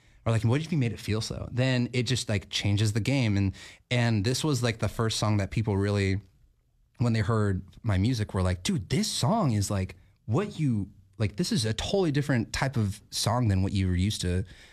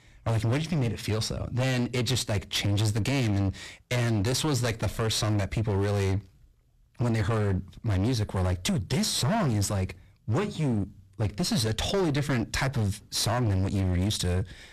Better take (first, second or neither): first